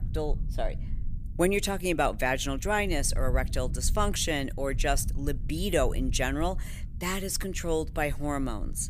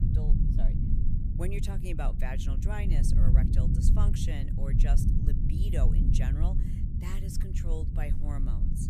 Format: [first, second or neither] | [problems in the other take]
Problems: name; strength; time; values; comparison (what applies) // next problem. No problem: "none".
first | low rumble; loud; throughout; as loud as the speech; faint in the first